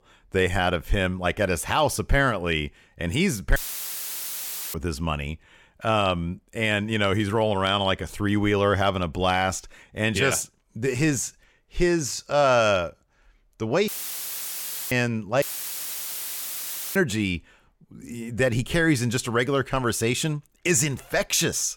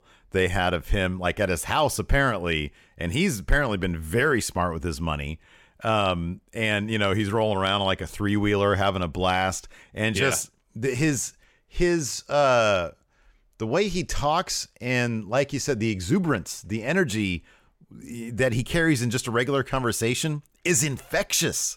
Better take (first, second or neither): second